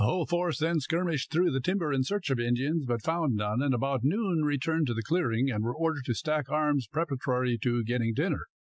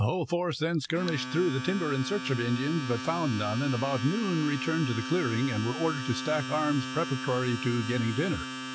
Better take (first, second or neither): first